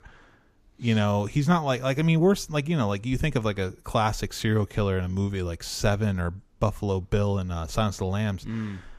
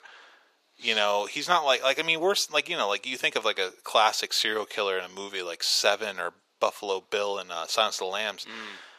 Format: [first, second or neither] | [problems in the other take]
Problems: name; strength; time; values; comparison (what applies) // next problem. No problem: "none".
first | thin; very; fading below 500 Hz